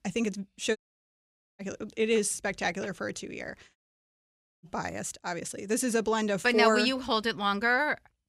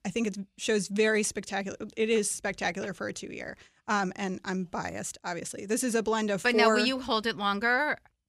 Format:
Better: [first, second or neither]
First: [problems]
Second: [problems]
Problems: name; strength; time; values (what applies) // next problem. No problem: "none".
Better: second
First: audio cutting out; at 1 s for 1 s and at 4 s for 1 s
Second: none